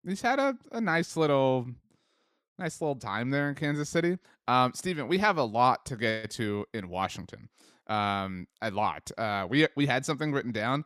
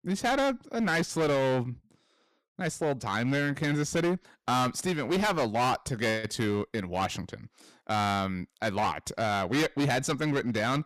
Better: first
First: none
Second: distortion; heavy; 16% of the sound clipped

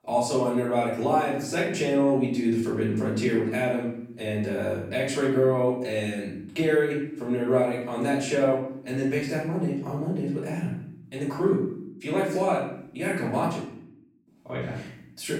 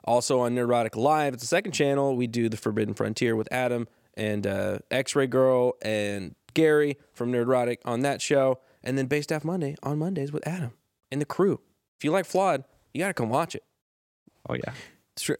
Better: second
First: room echo; noticeable; dies away in 0.7 s // off-mic speech; far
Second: none

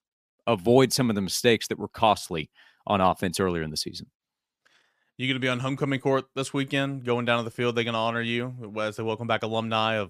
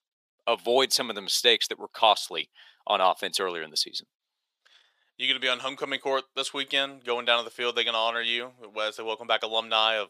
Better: first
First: none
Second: thin; very; fading below 600 Hz

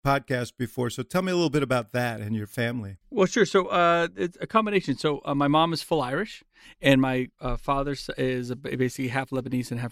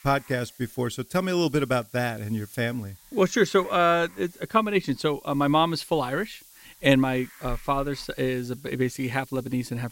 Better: first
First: none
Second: hiss; faint; throughout; 25 dB below the speech

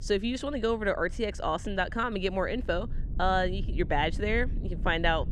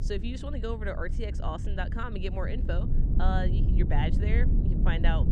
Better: first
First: low rumble; faint; throughout; 25 dB below the speech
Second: low rumble; loud; throughout; 7 dB below the speech

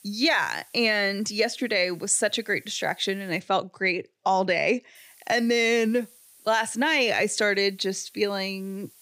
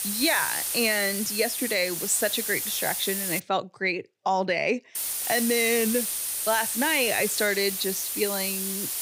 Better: first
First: hiss; faint; until 3.5 s and from 5 s on; 25 dB below the speech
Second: hiss; loud; until 3.5 s and from 5 s on; 1 dB below the speech

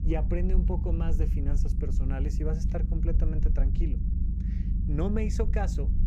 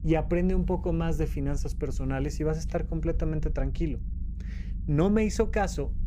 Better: second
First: low rumble; loud; throughout; 7 dB below the speech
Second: low rumble; faint; throughout; 20 dB below the speech

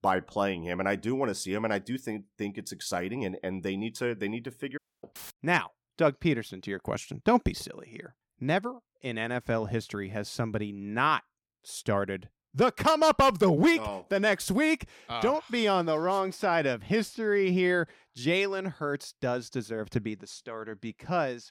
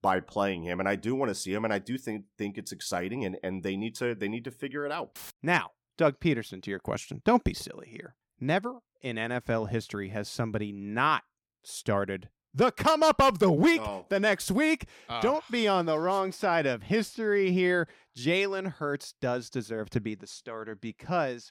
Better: second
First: audio cutting out; at 5 s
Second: none

